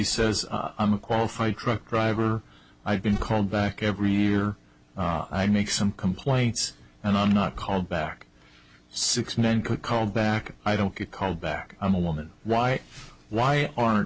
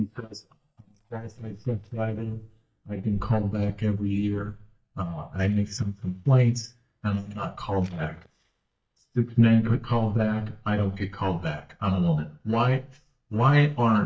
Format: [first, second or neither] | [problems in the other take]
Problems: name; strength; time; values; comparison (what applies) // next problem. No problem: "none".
first | noise reduction (neural mask model DeepFilterNet 3)